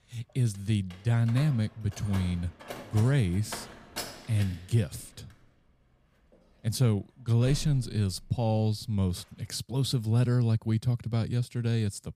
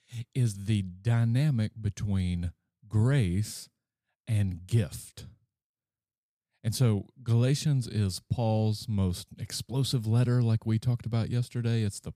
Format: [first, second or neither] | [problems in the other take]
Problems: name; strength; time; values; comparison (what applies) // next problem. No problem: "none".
second | door banging; noticeable; from 1 to 8.5 s; peak 9 dB below the speech